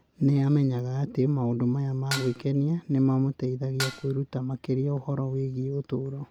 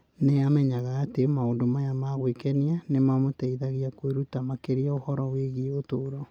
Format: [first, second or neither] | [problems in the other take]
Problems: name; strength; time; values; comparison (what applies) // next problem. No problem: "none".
second | background sound (Dishes, pots, and pans); 10 dB below the speech